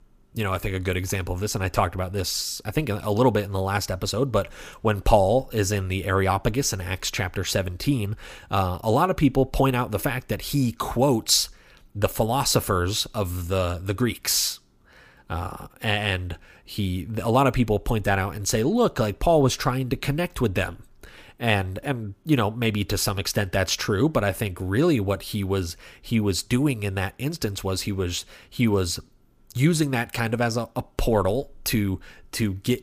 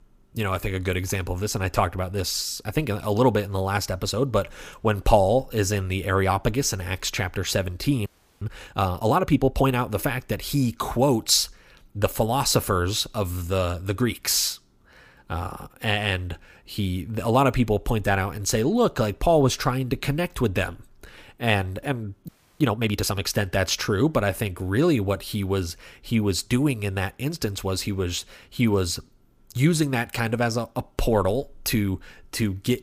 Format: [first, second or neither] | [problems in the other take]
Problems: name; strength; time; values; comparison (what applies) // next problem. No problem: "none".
first | audio freezing; at 8 s and at 22 s